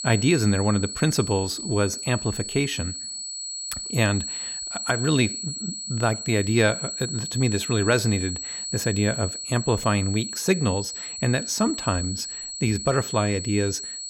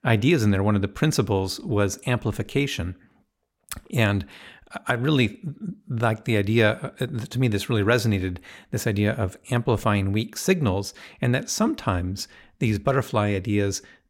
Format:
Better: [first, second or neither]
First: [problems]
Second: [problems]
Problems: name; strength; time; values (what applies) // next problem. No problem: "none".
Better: second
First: high-pitched whine; loud; throughout; 8 kHz, 6 dB below the speech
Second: none